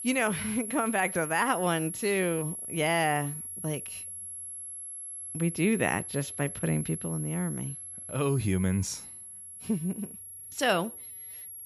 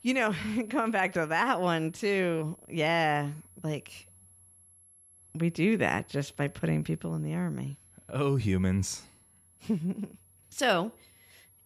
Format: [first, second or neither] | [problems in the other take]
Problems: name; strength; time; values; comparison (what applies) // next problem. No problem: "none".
second | high-pitched whine; loud; throughout; 11 kHz, 7 dB below the speech; faint in the second